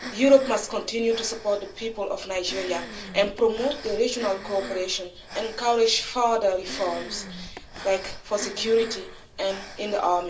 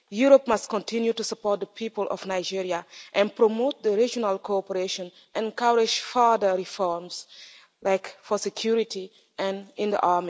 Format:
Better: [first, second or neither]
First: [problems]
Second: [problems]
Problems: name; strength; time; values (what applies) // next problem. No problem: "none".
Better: second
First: background sound (Breathing); 14 dB below the speech // room echo; dies away in 0.3 s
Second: none